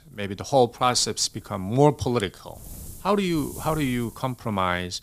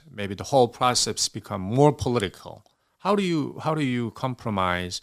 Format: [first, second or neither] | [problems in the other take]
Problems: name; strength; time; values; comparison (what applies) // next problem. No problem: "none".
second | wind noise on the microphone; occasional gusts; 25 dB below the speech